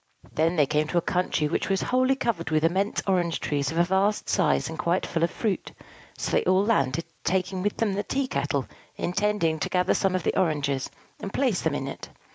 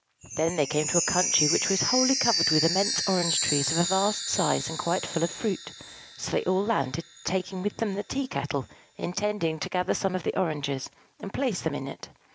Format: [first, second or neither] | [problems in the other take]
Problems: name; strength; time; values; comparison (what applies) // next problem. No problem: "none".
first | background sound (Chime); 4 dB below the speech